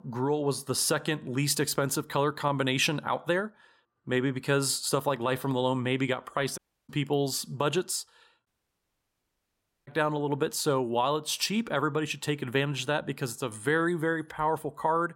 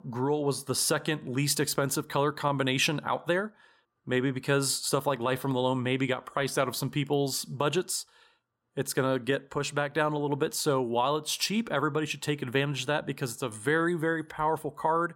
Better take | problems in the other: second | audio cutting out; at 6.5 s and at 8.5 s for 1.5 s

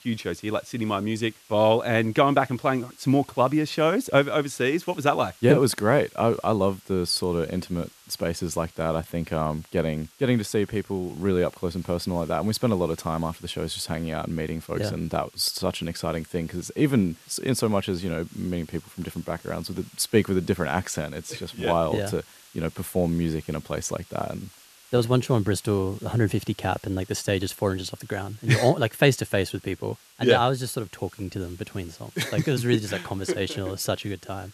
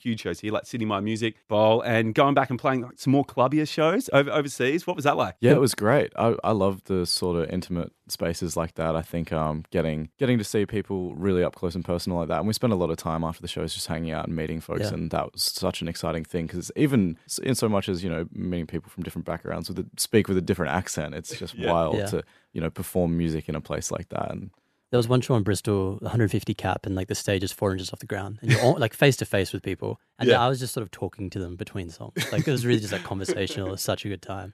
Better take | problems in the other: second | hiss; faint; throughout; 25 dB below the speech

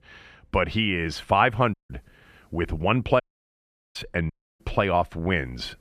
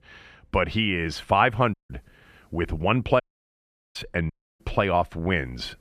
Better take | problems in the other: neither | audio cutting out; at 1.5 s, at 3 s for 1 s and at 4.5 s; the same in both

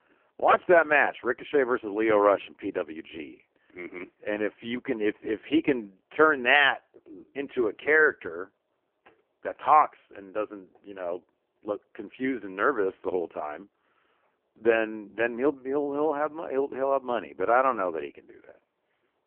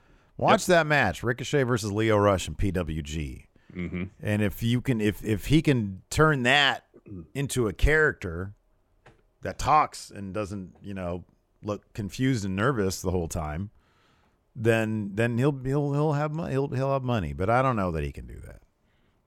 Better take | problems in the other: second | phone-call audio; poor line; nothing above 3 kHz

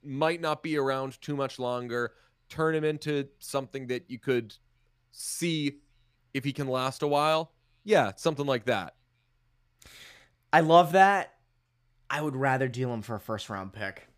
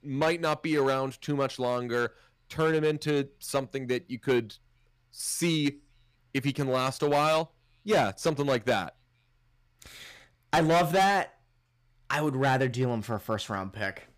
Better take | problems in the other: first | distortion; heavy; 5% of the sound clipped

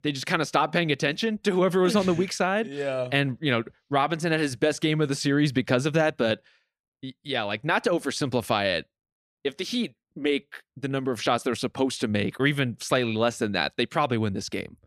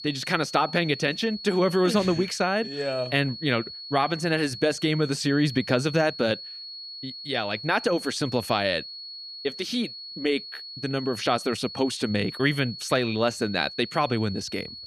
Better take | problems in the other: first | high-pitched whine; noticeable; throughout; 4.5 kHz, 10 dB below the speech

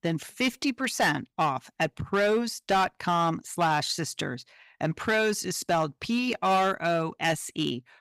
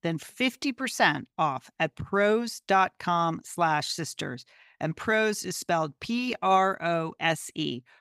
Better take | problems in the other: second | distortion; slight; 5% of the sound clipped

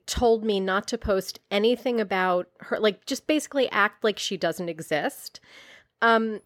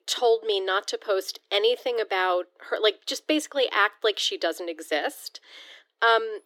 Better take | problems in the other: first | thin; very; fading below 300 Hz

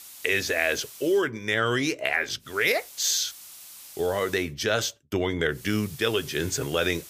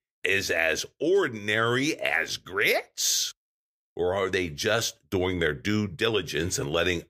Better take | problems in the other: second | hiss; noticeable; until 1 s, from 2.5 to 4.5 s and from 5.5 s on; 15 dB below the speech

